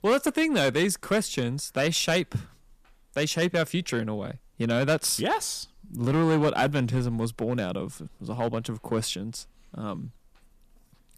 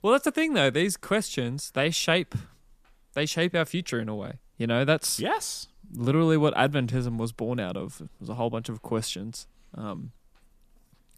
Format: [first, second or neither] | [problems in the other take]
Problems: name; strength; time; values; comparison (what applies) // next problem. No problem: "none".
second | distortion; slight; 4% of the sound clipped